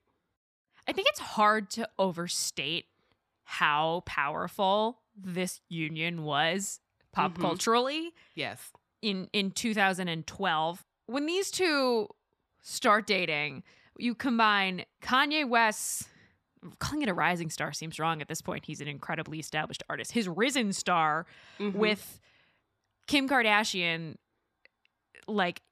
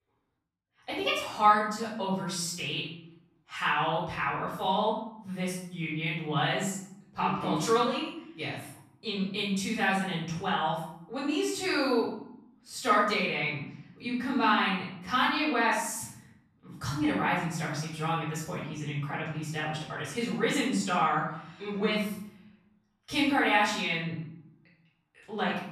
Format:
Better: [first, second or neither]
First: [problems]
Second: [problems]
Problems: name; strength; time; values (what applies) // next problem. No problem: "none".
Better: first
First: none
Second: room echo; noticeable; dies away in 0.7 s // off-mic speech; far